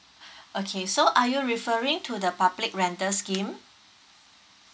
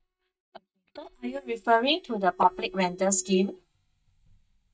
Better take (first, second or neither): first